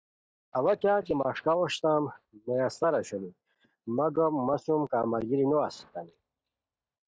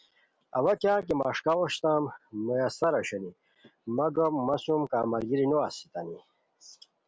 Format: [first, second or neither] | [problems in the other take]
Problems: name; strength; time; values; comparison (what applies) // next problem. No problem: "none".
second | noise reduction (neural mask model DeepFilterNet 3)